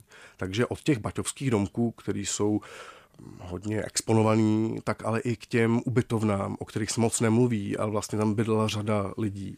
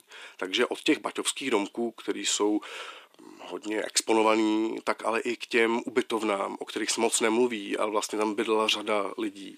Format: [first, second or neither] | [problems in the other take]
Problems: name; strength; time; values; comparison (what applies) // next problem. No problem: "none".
first | thin; somewhat; fading below 300 Hz